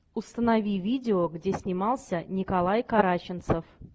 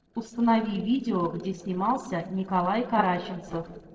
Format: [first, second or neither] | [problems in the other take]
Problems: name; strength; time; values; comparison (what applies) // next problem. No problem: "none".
first | noise reduction (neural separator model SepFormer DNS4)